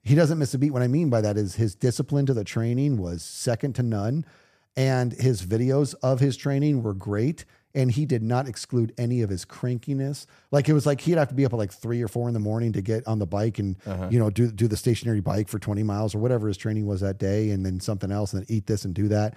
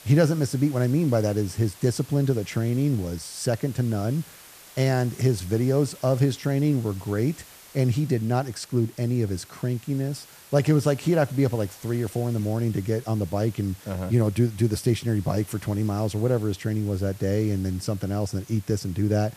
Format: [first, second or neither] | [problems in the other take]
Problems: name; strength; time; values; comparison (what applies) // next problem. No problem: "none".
first | hiss; faint; throughout; 20 dB below the speech